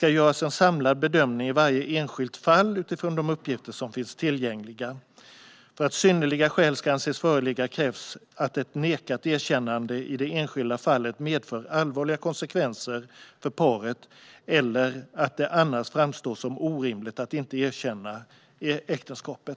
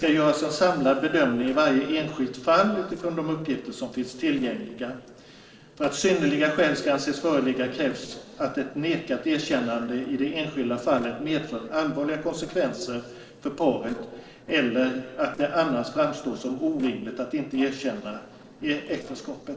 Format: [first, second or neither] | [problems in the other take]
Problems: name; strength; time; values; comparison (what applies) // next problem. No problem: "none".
first | noise reduction (neural separator model SepFormer DNS4)